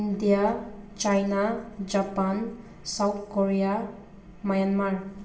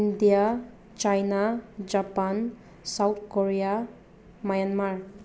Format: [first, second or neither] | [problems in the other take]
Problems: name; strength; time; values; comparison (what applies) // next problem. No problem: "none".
second | room echo; dies away in 0.8 s